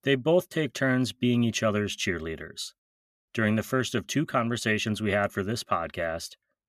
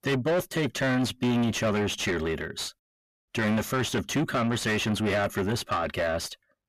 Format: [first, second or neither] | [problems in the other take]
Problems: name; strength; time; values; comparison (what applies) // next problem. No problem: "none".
first | distortion; heavy; 6 dB below the speech